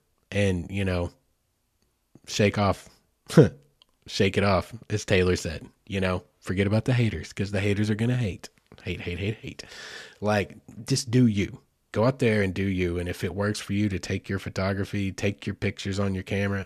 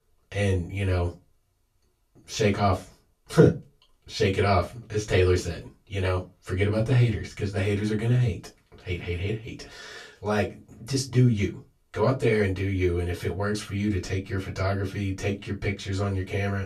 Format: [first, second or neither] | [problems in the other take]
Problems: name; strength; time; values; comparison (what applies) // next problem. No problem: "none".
first | off-mic speech; far // room echo; very slight; dies away in 0.2 s